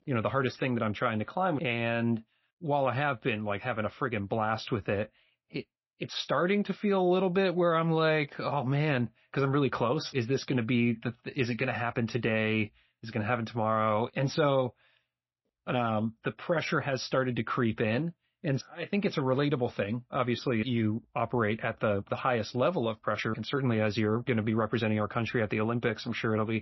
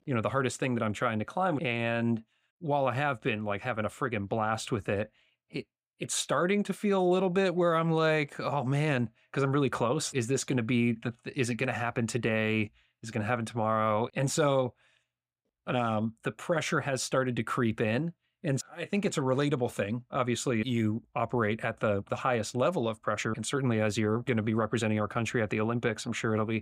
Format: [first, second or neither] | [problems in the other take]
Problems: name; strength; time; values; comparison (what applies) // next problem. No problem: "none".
second | garbled, watery; slightly; nothing above 5.5 kHz